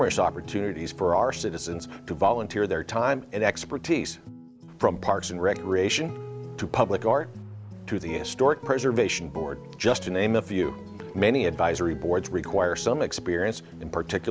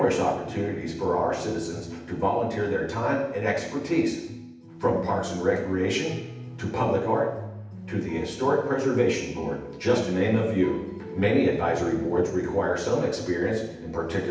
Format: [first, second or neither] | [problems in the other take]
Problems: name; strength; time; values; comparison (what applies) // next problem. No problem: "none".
first | room echo; dies away in 0.9 s